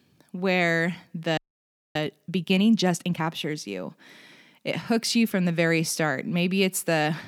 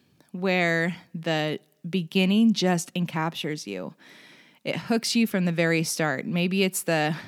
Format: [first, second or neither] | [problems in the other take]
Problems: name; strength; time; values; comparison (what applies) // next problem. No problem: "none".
second | audio freezing; at 1.5 s for 0.5 s